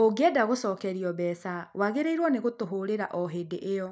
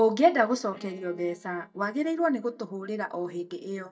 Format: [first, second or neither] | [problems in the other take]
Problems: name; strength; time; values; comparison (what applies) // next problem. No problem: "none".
first | noise reduction (neural mask model DeepFilterNet 3)